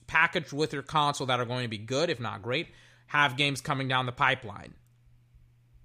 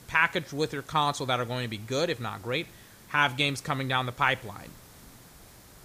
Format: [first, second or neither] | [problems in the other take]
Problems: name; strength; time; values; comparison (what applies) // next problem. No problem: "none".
first | hiss; faint; throughout; 25 dB below the speech